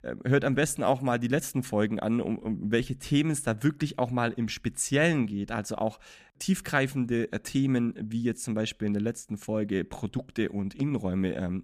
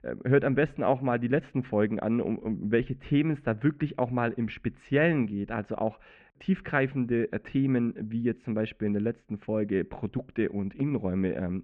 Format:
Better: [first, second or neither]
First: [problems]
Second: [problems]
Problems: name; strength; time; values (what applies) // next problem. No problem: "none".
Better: first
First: none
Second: muffled; very; fading above 2.5 kHz